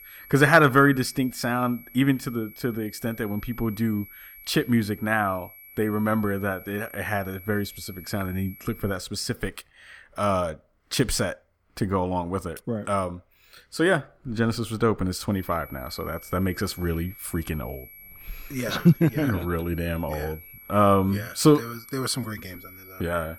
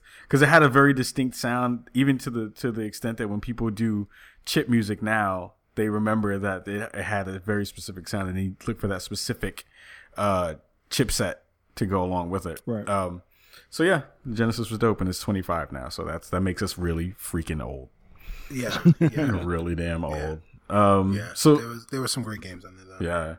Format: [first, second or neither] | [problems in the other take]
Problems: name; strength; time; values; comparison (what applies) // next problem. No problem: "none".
second | high-pitched whine; noticeable; until 9 s and from 15 s on; 2.5 kHz, 20 dB below the speech